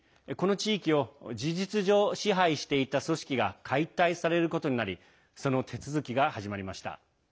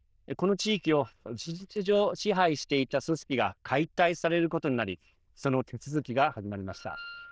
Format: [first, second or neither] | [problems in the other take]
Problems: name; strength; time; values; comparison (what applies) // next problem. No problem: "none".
first | noise reduction (neural diffusion model UNIVERSE++)